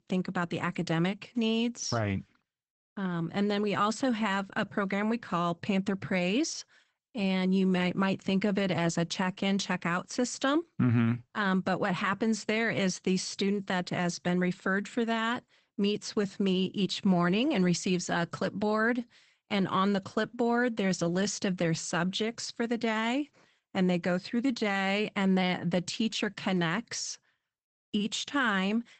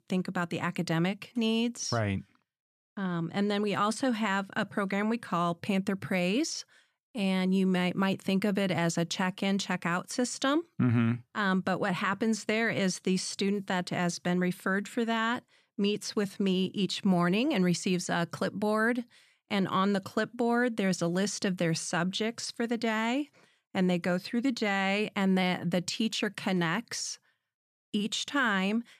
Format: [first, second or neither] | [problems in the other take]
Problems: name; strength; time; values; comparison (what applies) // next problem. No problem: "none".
second | garbled, watery; badly; nothing above 8 kHz